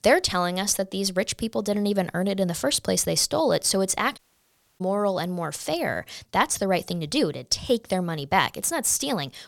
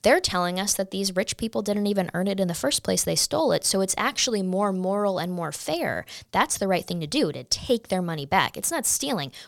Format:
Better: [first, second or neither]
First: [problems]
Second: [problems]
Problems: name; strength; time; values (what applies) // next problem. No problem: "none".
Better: second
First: audio cutting out; at 4 s for 0.5 s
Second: none